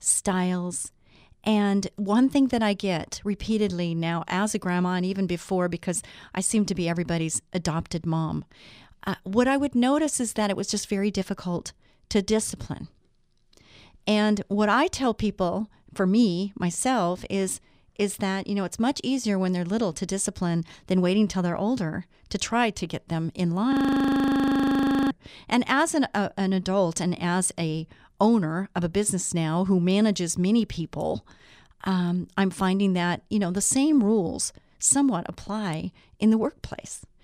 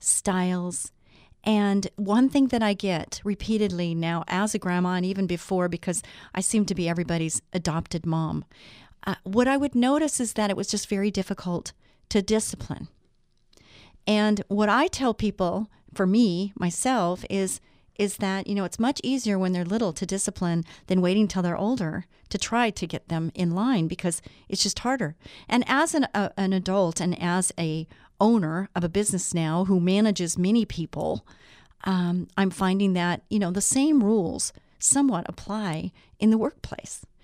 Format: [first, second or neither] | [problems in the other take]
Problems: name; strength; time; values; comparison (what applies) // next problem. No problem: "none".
second | audio freezing; at 24 s for 1.5 s